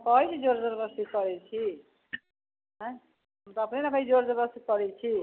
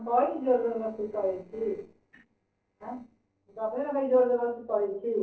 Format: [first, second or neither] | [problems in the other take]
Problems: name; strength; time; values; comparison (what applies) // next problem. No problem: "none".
first | noise reduction (neural separator model SepFormer DNS4)